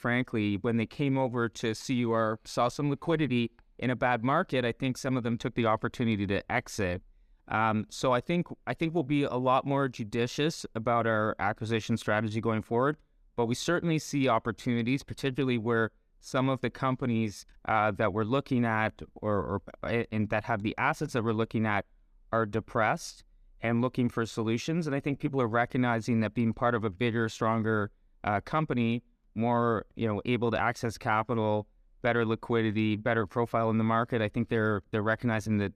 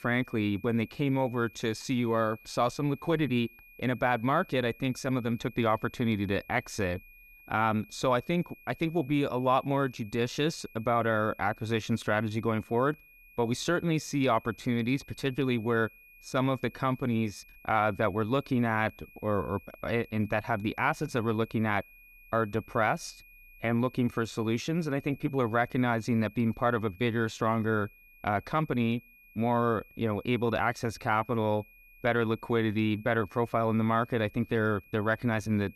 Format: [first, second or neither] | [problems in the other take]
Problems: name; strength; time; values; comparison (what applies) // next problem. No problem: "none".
first | high-pitched whine; faint; throughout; 2.5 kHz, 25 dB below the speech